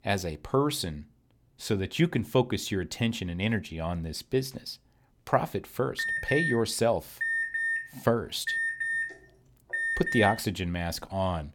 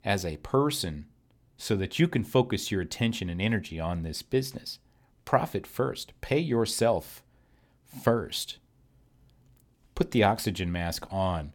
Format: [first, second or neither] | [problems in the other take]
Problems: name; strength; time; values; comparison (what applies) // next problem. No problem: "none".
second | alarm; loud; from 6 to 10 s; peak 2 dB above the speech